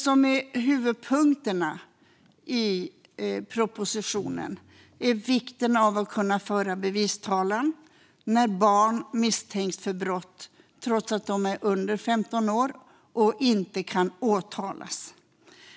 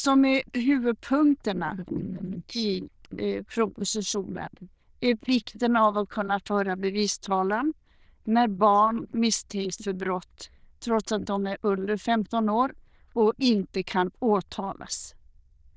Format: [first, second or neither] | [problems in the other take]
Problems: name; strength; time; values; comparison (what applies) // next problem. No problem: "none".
first | noise reduction (neural diffusion model UNIVERSE++)